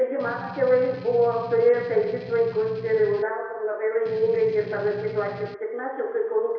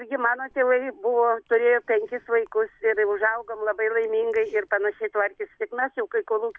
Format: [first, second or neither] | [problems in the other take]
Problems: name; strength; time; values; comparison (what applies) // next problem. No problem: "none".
second | background sound (Strum); 16 dB below the speech // room echo; dies away in 1 s